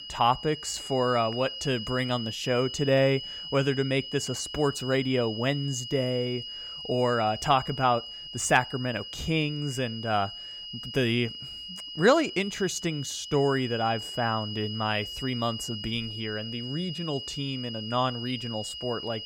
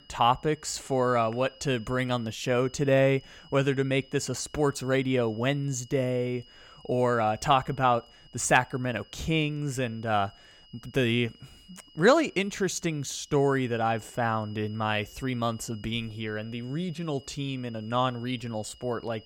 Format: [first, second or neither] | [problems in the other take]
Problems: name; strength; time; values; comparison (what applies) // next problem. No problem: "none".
second | high-pitched whine; loud; throughout; 3 kHz, 8 dB below the speech; faint in the second